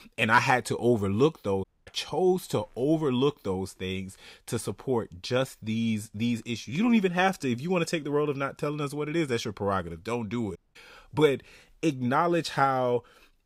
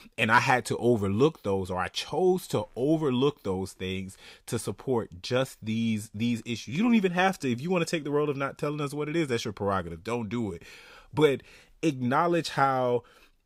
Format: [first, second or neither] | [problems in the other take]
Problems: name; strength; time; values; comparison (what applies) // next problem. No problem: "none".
second | audio cutting out; at 1.5 s and at 11 s